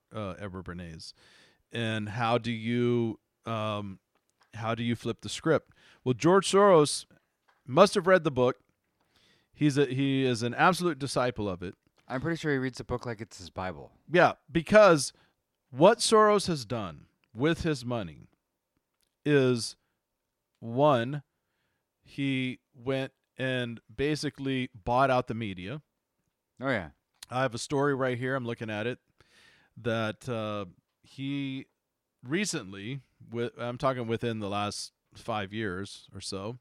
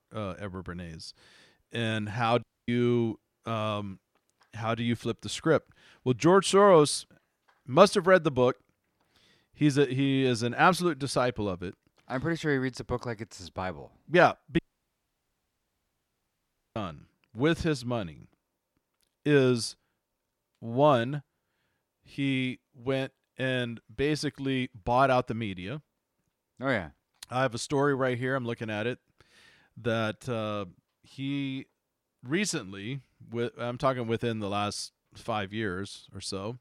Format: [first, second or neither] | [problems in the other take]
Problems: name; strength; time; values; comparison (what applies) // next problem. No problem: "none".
first | audio cutting out; at 2.5 s and at 15 s for 2 s